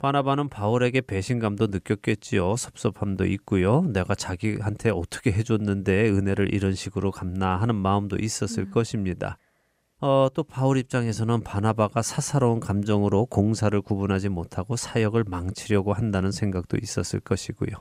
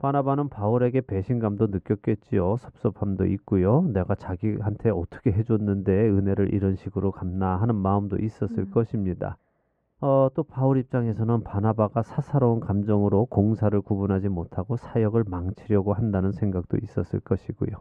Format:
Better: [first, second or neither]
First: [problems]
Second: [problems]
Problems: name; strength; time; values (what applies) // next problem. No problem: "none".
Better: first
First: none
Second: muffled; very; fading above 2.5 kHz